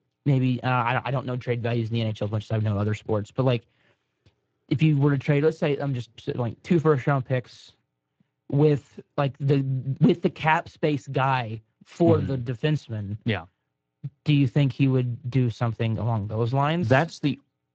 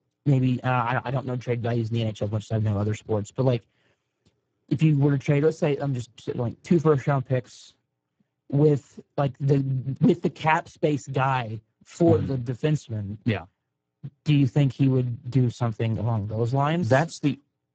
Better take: first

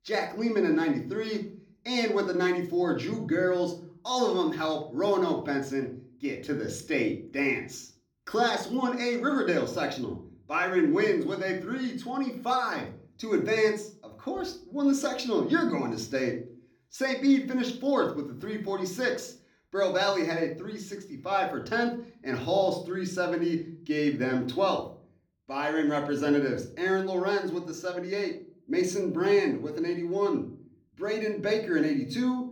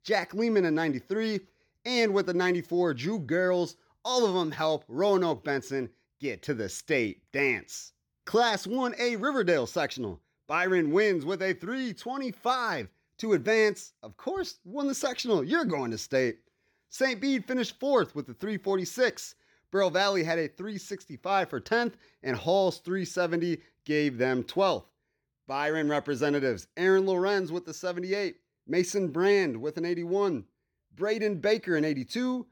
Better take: second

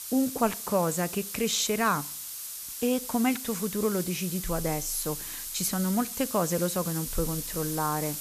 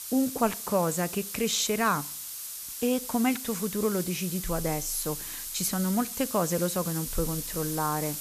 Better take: neither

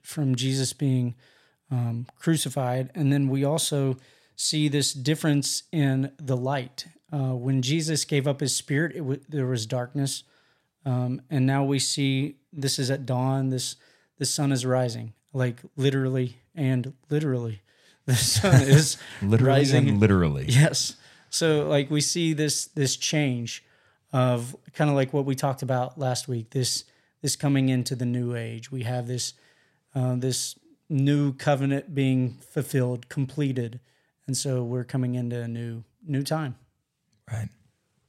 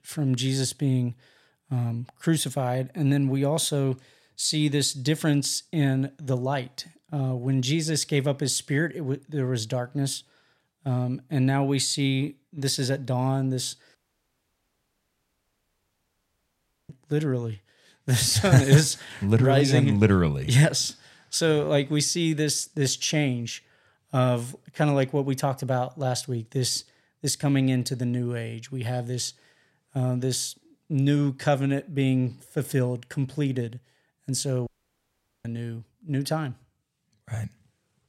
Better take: first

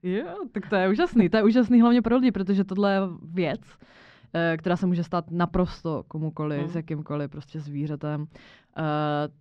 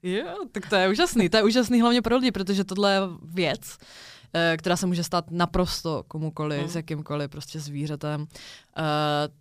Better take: second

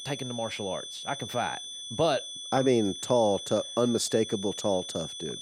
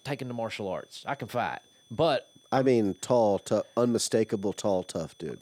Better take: second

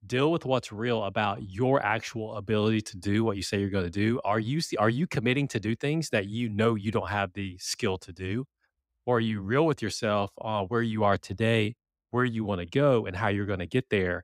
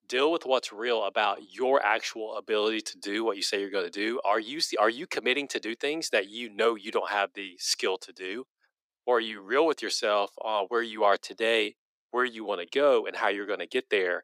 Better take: first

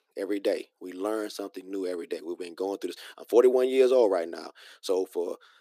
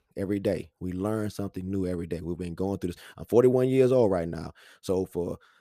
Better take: second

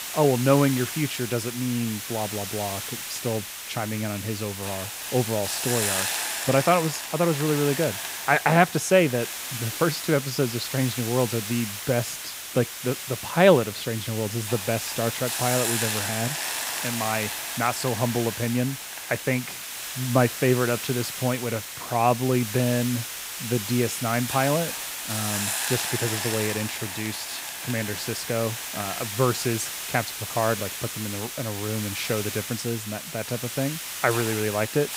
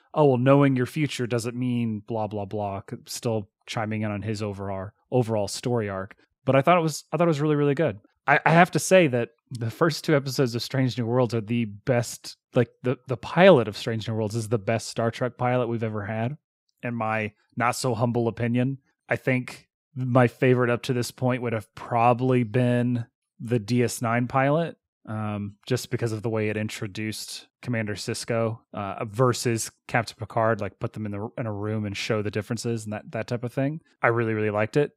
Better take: second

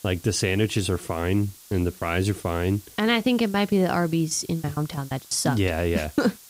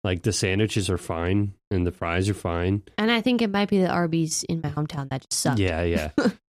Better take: second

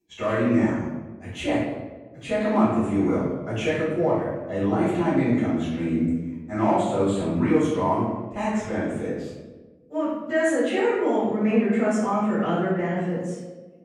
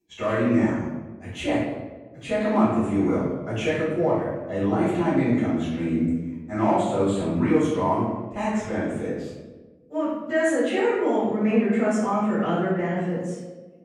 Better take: neither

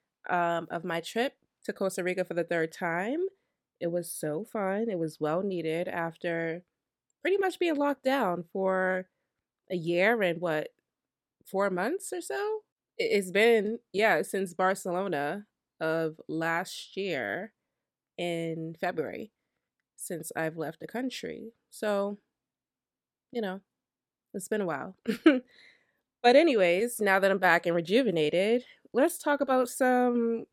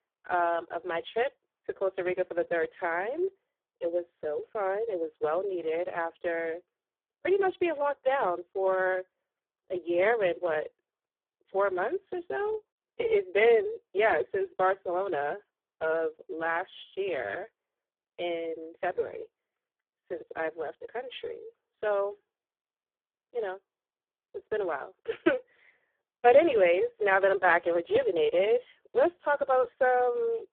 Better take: first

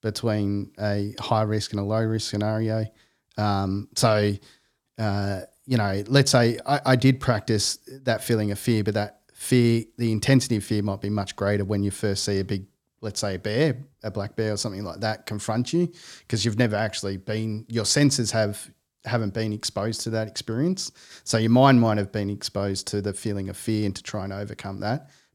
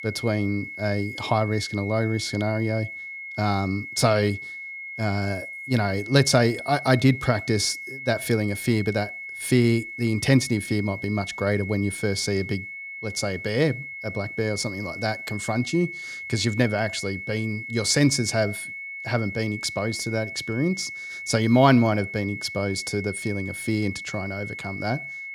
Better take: first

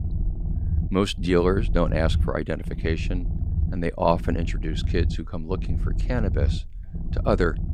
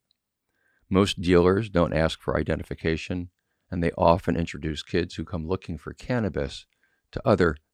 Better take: second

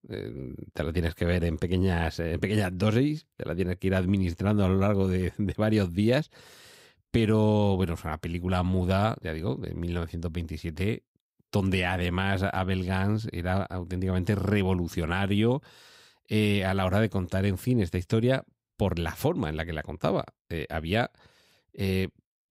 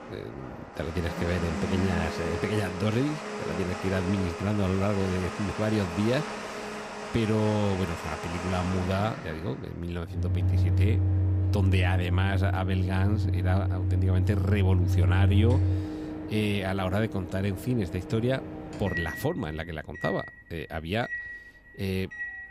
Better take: first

